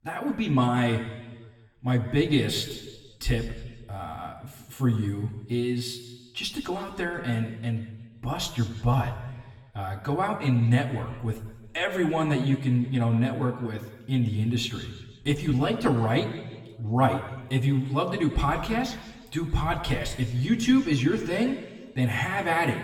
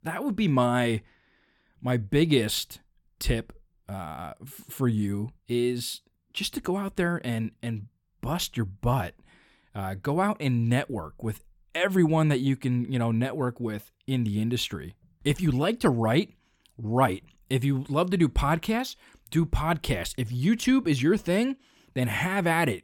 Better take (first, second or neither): second